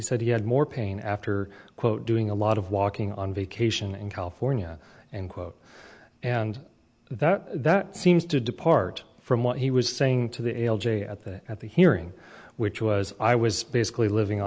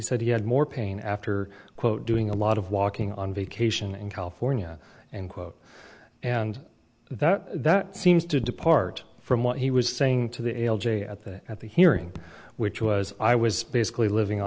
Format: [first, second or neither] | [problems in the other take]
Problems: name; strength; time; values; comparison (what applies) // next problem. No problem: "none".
first | background sound (Raindrop / Drip); 17 dB below the speech